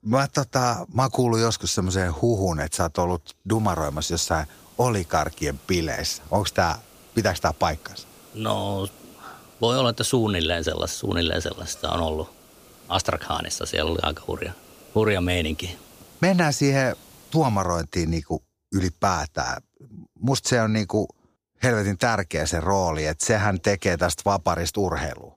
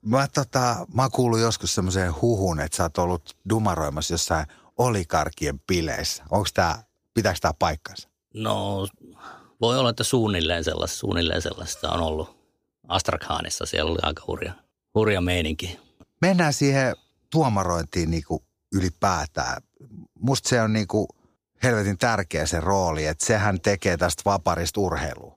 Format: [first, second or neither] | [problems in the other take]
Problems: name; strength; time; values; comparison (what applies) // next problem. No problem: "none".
second | hiss; faint; from 3.5 to 18 s; 25 dB below the speech